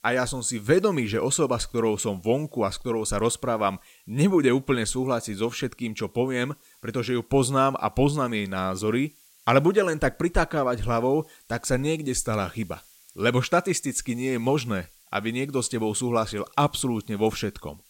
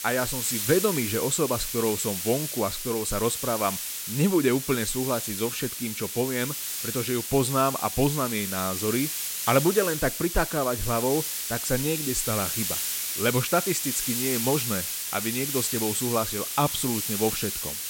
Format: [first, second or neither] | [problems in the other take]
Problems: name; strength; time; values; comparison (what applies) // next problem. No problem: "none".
first | hiss; loud; throughout; 2 dB below the speech; faint in the first